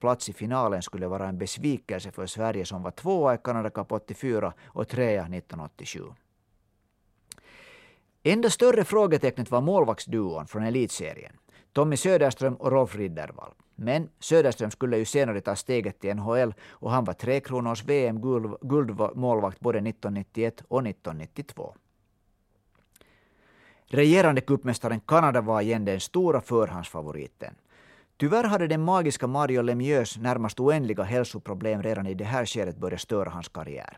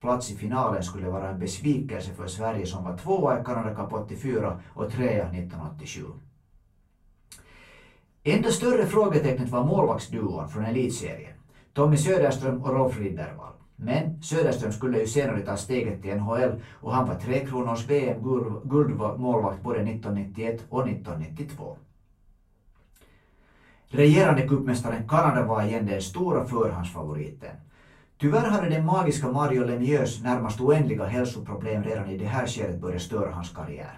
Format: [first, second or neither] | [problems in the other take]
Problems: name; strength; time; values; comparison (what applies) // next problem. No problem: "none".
first | off-mic speech; far // room echo; very slight; dies away in 0.3 s